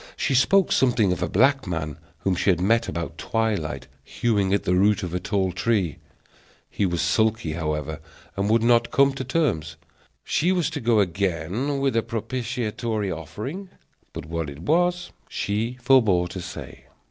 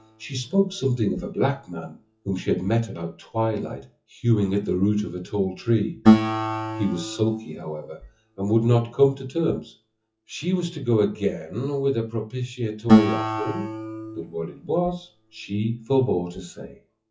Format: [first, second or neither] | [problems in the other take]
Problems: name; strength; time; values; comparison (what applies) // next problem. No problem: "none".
first | noise reduction (classical method WPE with log-MMSE)